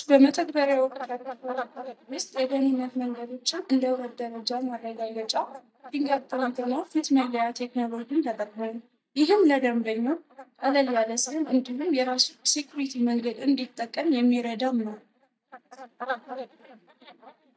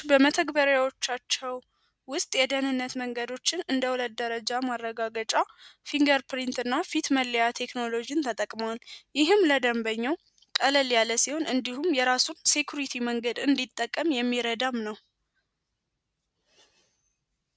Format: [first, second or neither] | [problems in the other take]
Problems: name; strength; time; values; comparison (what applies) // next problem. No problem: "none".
second | noise reduction (neural mask model DeepFilterNet 3)